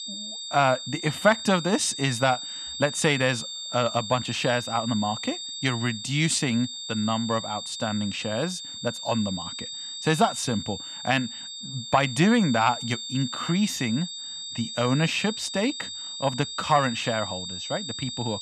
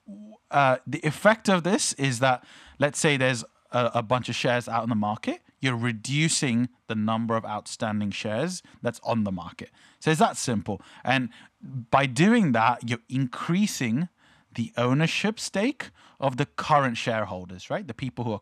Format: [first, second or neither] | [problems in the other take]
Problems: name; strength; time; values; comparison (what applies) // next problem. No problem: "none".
second | high-pitched whine; loud; throughout; 3.5 kHz, 7 dB below the speech